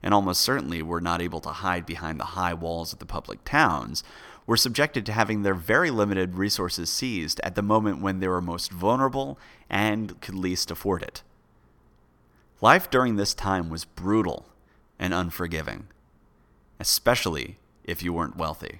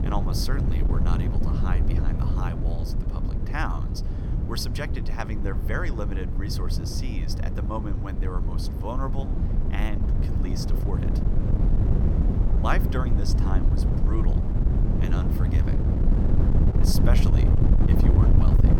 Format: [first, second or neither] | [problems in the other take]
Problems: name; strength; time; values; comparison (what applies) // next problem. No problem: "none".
first | wind noise on the microphone; heavy; 1 dB below the speech